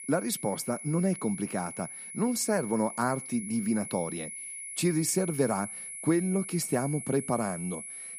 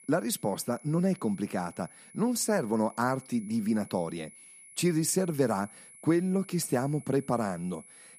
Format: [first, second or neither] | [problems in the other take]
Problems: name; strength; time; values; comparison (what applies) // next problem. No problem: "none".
second | high-pitched whine; loud; throughout; 10.5 kHz, 8 dB below the speech; faint in the second